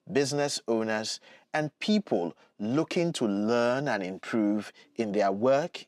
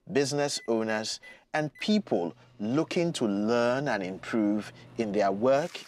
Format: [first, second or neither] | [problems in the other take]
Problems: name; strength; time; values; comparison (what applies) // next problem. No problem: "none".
first | household noises; faint; throughout; 25 dB below the speech